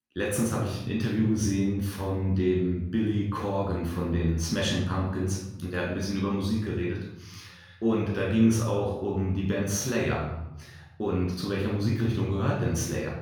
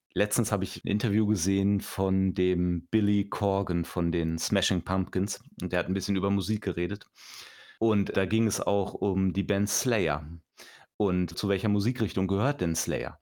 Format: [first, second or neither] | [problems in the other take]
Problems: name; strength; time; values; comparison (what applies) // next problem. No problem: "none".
second | off-mic speech; far // room echo; noticeable; dies away in 1 s